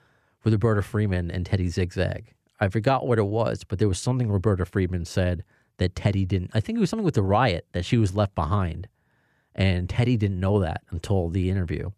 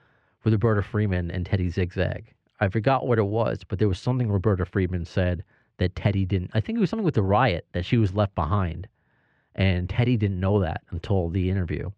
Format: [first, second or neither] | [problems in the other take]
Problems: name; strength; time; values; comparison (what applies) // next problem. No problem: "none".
first | muffled; very slightly; fading above 3 kHz